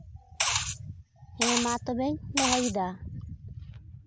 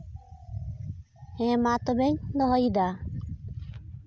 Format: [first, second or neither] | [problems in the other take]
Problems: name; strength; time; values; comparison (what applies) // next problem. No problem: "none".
second | background sound (Liquid); 2 dB above the speech